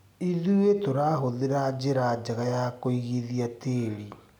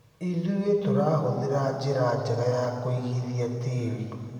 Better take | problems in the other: first | room echo; dies away in 2.3 s

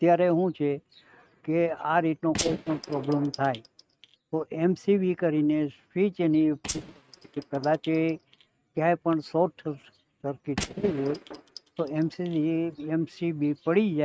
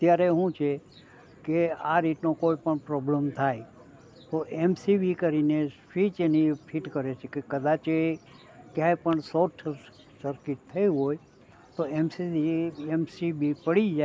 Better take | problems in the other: second | noise reduction (neural mask model RNNoise)

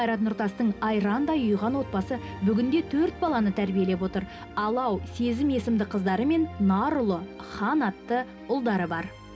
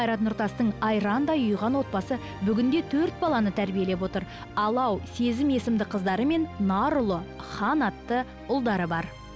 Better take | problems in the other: second | room echo; dies away in 0.3 s

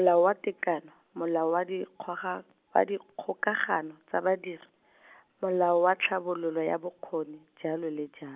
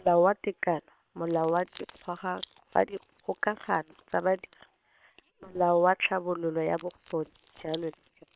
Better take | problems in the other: first | noise reduction (neural separator model SepFormer WHAM!)

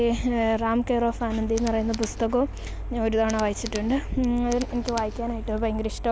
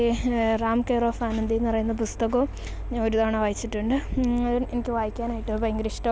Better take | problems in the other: second | background sound (Tools); 15 dB below the speech

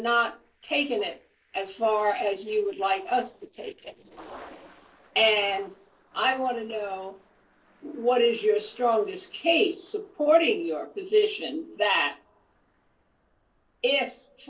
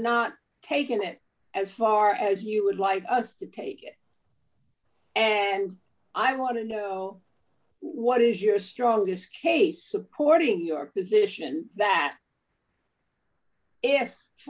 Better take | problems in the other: second | noise reduction (neural separator model SepFormer DNS4)

